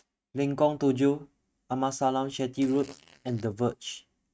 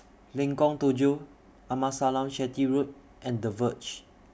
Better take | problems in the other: second | noise reduction (neural mask model RNNoise)

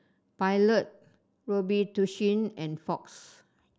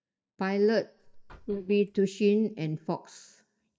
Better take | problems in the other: first | noise reduction (neural mask model DeepFilterNet 3)

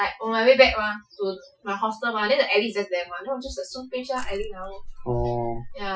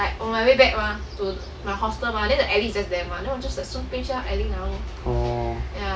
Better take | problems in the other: second | noise reduction (classical method Wiener filter)

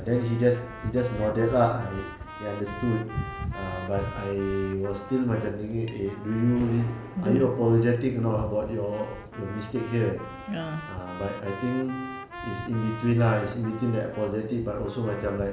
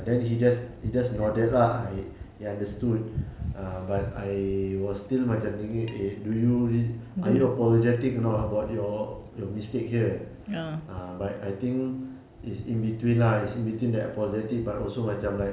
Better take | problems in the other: second | background sound (Gunshot, gunfire + Trumpet); 15 dB below the speech

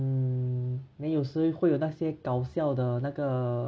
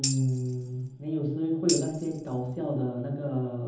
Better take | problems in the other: first | background sound (Tambourine); 8 dB below the speech // room echo; dies away in 0.9 s

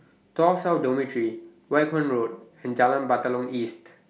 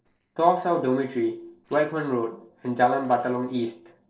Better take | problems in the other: first | noise reduction (neural separator model SepFormer DNS4)

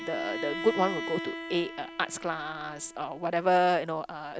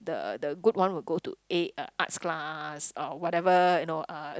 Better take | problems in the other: second | background sound (Bowed string instrument); 9 dB below the speech

